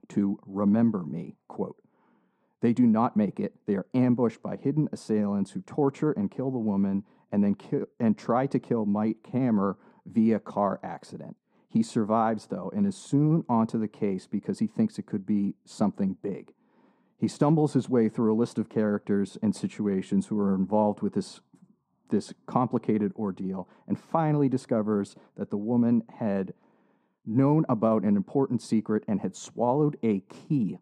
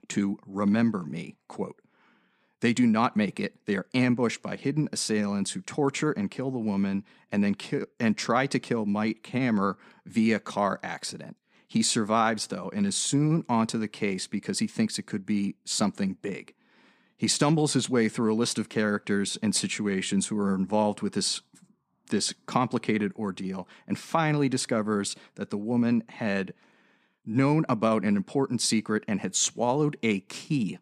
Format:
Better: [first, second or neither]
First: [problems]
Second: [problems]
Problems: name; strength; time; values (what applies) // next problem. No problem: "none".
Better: second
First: muffled; very; fading above 1 kHz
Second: none